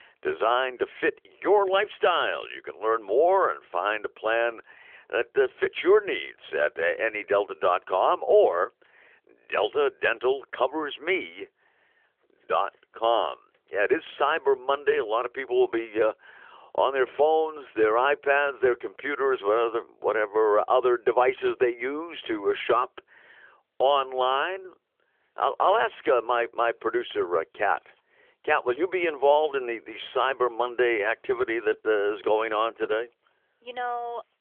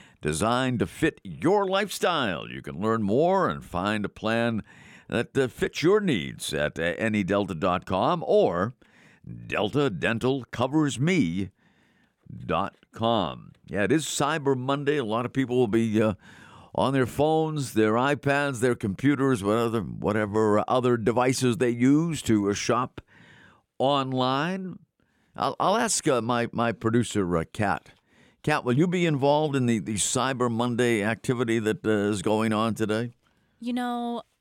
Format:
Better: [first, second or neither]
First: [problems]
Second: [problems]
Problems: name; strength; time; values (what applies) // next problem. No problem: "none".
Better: second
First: phone-call audio; nothing above 3.5 kHz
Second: none